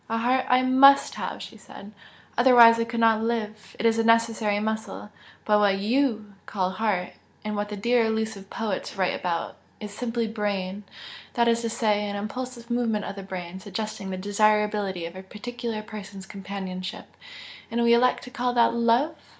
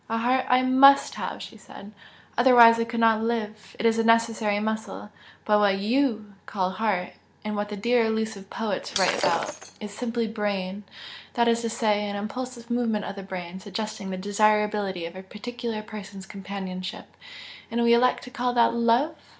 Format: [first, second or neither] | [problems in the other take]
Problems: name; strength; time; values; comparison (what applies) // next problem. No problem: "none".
first | background sound (Shatter); 7 dB below the speech